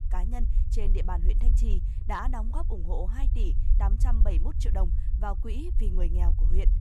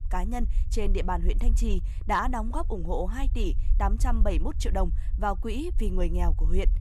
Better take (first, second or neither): second